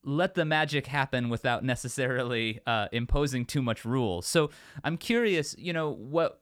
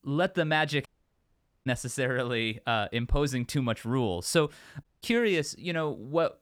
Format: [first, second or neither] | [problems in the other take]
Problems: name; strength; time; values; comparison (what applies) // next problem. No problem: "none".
first | audio cutting out; at 1 s for 1 s and at 5 s